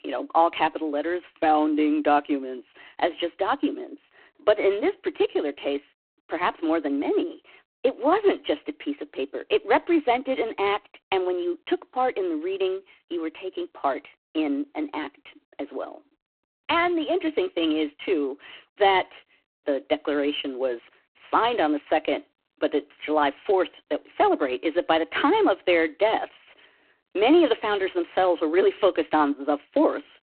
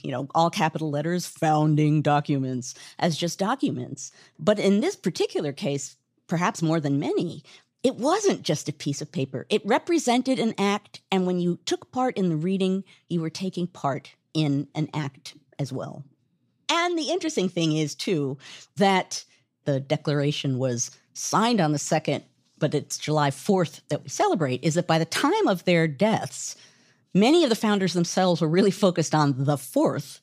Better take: second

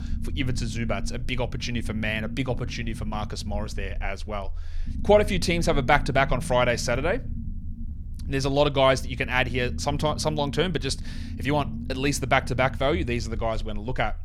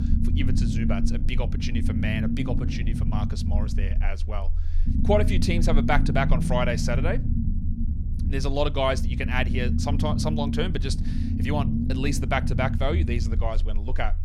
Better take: first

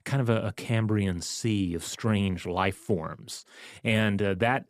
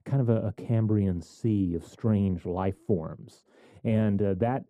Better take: first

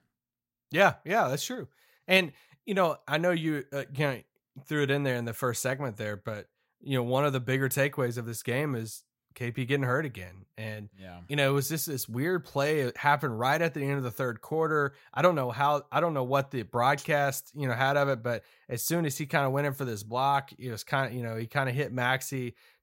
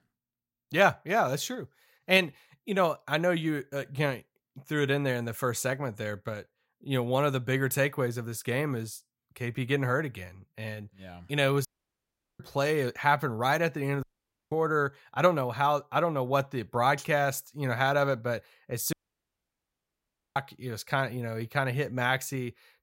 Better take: first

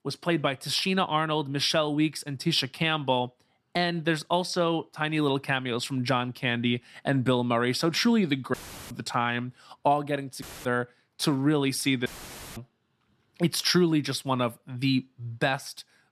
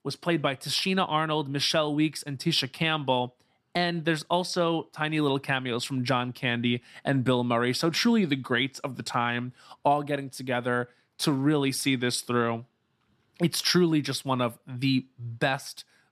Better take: second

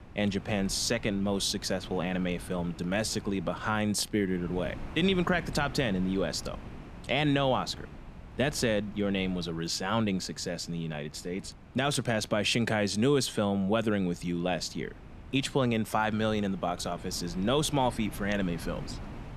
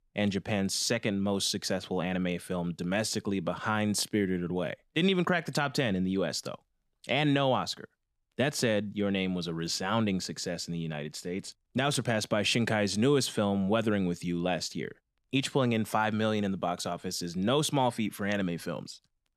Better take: second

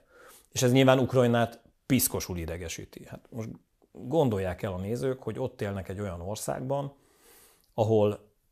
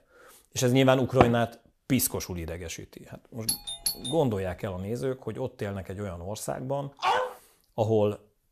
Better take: first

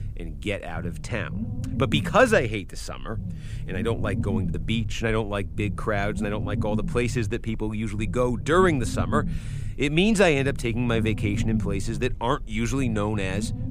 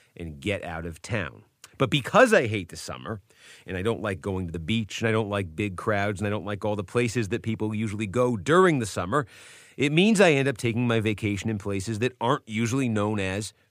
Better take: second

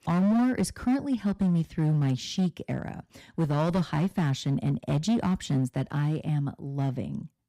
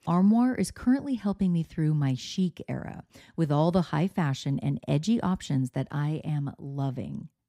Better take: second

